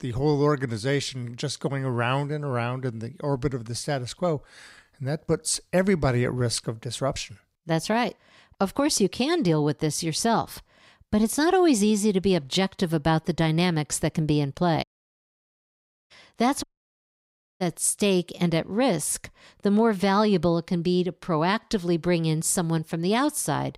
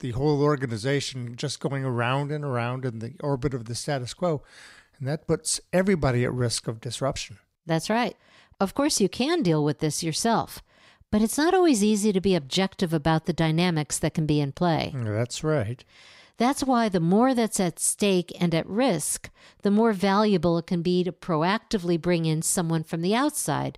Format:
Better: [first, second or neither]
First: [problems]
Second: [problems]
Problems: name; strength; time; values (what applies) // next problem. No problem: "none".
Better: second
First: audio cutting out; at 15 s for 1.5 s and at 17 s for 1 s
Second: none